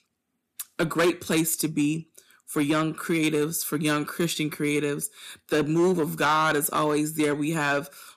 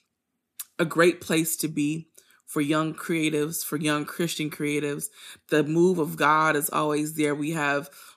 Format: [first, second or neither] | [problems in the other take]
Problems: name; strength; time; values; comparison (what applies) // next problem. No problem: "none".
second | distortion; slight; 6% of the sound clipped